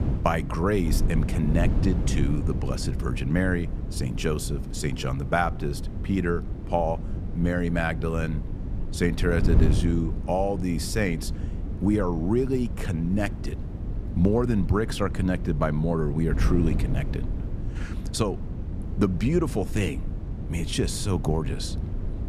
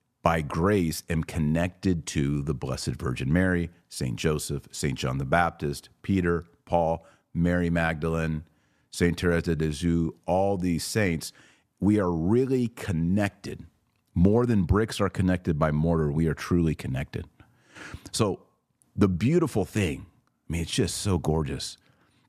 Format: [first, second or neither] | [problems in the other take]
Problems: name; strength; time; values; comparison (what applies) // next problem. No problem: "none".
second | wind noise on the microphone; occasional gusts; 10 dB below the speech